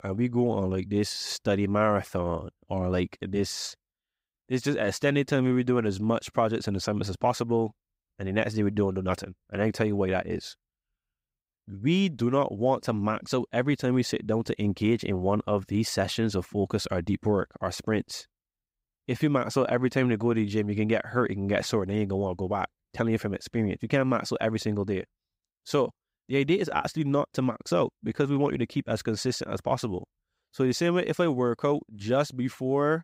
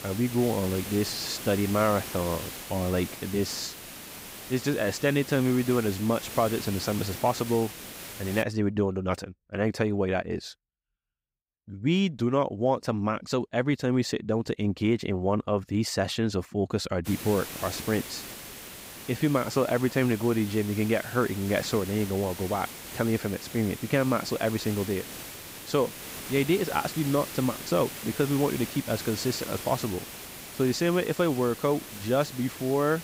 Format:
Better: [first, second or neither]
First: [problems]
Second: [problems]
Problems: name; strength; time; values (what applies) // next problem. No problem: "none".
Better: first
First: none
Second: hiss; noticeable; until 8.5 s and from 17 s on; 10 dB below the speech